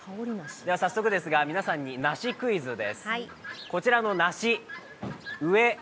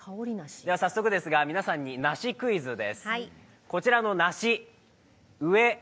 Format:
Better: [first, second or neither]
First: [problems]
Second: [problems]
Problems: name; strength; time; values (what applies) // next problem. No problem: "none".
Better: second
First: background sound (Chirp, tweet); 16 dB below the speech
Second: none